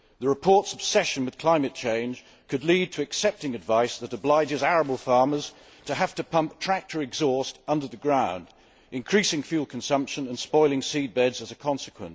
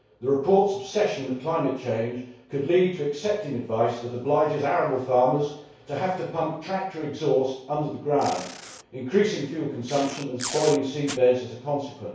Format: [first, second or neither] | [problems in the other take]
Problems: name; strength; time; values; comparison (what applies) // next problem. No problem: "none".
first | background sound (Packing tape, duct tape); 13 dB below the speech // room echo; dies away in 0.6 s